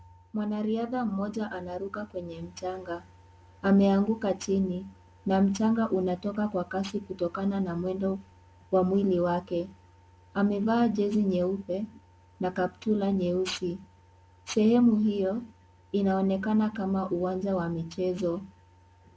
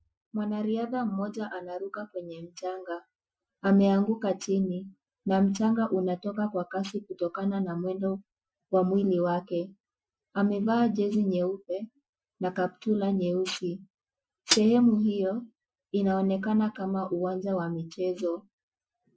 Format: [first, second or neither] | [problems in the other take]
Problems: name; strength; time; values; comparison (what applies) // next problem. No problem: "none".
first | noise reduction (classical method Wiener filter)